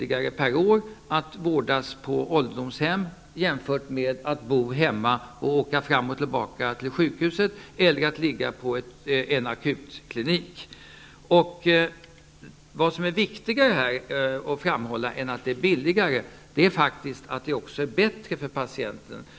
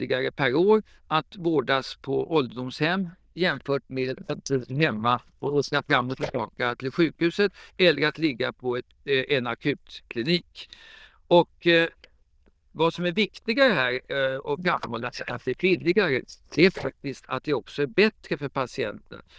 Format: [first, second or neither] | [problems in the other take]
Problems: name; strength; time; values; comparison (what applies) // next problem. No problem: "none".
first | noise reduction (neural diffusion model UNIVERSE++)